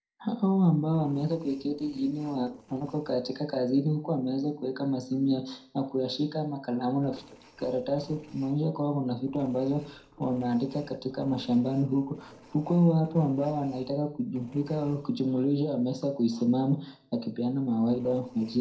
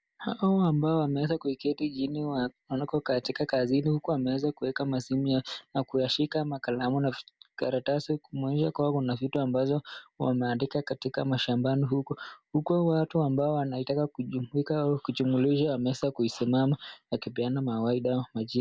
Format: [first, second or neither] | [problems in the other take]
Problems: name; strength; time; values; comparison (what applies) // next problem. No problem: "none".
second | noise reduction (neural separator model SepFormer DNS4)